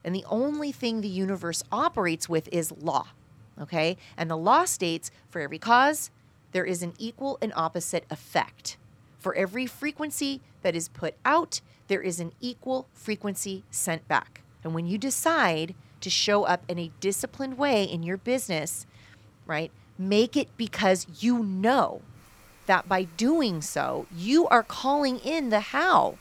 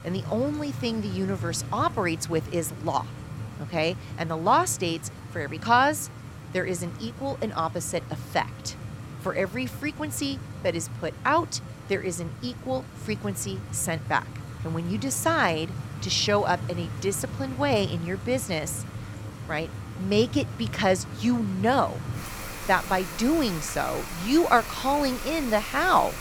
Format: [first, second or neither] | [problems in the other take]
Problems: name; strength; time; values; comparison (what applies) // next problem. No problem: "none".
first | rain or running water; loud; throughout; 10 dB below the speech; faint in the first